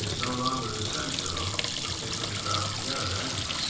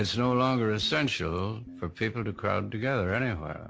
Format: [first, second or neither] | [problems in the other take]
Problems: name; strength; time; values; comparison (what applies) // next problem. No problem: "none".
second | background sound (Sink (filling or washing) / Water tap, faucet); 2 dB above the speech // room echo; dies away in 0.7 s